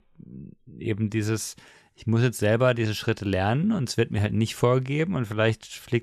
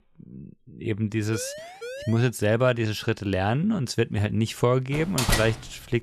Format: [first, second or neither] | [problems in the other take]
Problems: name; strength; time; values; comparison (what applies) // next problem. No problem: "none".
first | siren; faint; at 1.5 s; peak 10 dB below the speech // door banging; loud; at 5 s; peak 1 dB above the speech